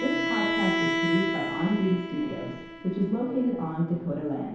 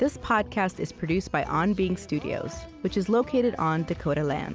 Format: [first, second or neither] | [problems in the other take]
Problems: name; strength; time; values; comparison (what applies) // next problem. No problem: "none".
second | background sound (Bowed string instrument); 3 dB below the speech // room echo; dies away in 0.8 s